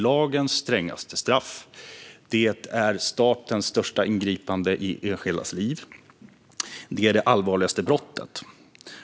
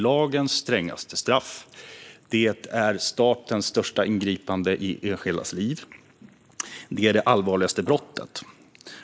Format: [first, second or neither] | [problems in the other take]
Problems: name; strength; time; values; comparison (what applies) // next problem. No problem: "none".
first | noise reduction (neural mask model Resemble Enhance denoiser)